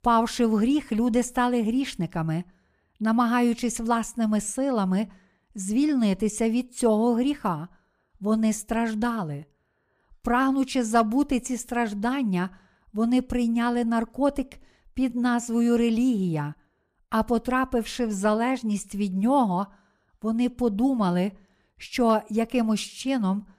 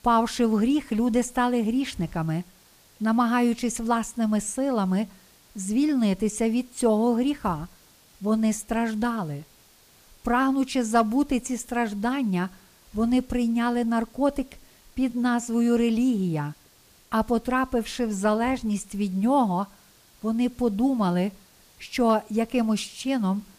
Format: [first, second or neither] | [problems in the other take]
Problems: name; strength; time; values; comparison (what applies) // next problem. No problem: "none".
first | hiss; faint; throughout; 30 dB below the speech